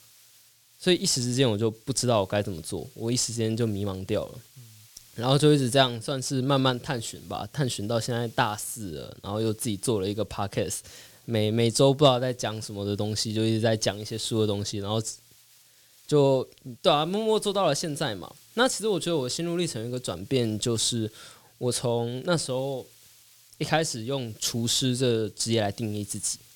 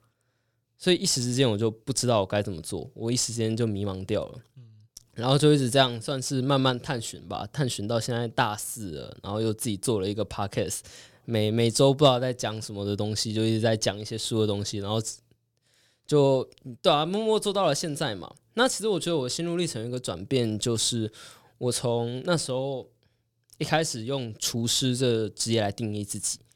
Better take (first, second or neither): second